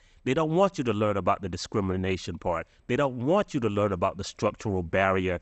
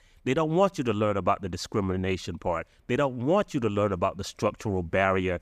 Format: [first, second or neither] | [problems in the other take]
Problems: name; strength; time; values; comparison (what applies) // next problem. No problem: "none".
second | garbled, watery; slightly; nothing above 8 kHz